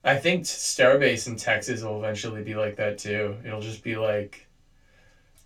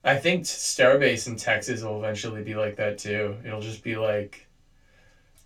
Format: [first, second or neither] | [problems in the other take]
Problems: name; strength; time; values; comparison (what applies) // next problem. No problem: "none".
neither | room echo; very slight; dies away in 0.2 s; the same in both // off-mic speech; far; the same in both